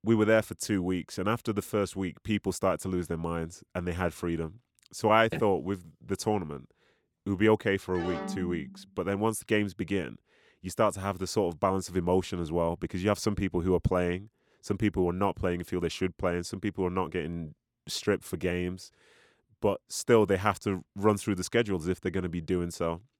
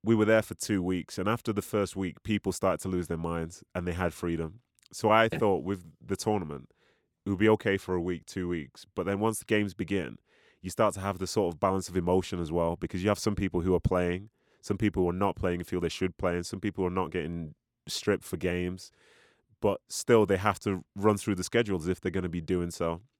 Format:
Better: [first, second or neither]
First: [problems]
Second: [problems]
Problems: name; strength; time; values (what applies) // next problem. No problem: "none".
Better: second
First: phone ringing; noticeable; at 8 s; peak 6 dB below the speech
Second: none